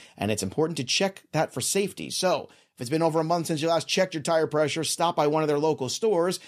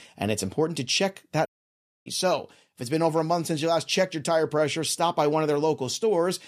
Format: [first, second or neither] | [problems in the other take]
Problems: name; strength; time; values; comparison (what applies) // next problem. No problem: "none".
first | audio cutting out; at 1.5 s for 0.5 s